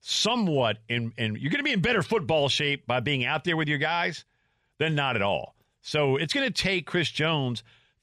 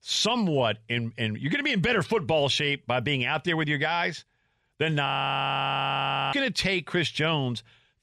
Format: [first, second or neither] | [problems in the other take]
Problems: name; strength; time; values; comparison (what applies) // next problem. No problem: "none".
first | audio freezing; at 5 s for 1.5 s